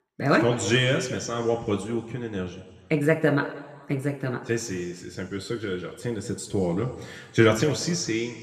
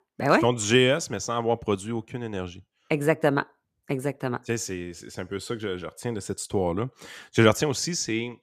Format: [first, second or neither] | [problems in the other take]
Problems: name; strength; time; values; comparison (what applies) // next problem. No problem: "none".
second | room echo; slight; dies away in 1.6 s